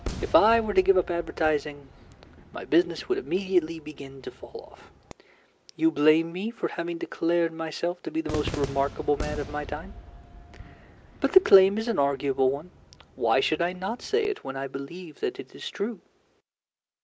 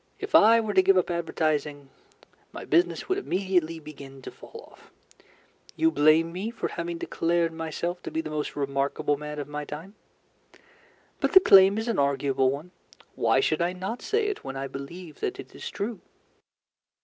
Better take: second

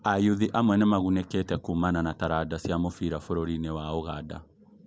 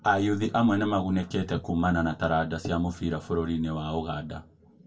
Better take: first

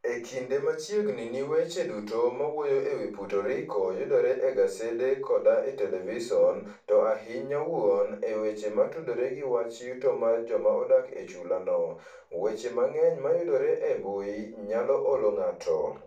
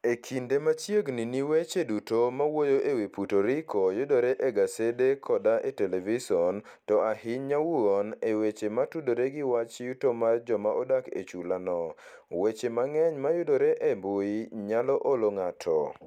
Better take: second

